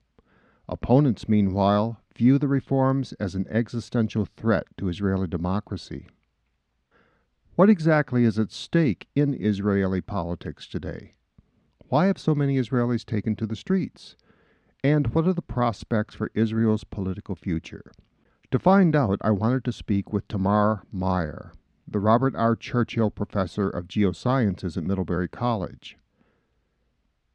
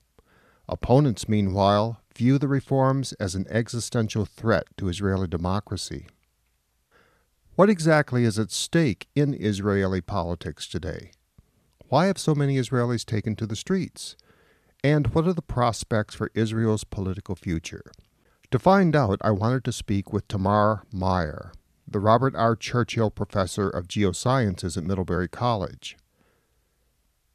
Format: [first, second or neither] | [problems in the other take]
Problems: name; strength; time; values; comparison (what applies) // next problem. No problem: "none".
second | muffled; slightly; fading above 3.5 kHz